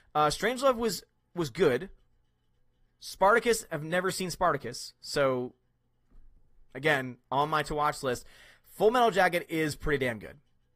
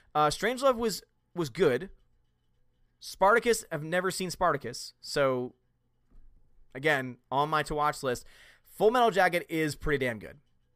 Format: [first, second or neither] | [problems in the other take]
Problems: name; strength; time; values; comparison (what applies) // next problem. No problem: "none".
second | garbled, watery; slightly; nothing above 15 kHz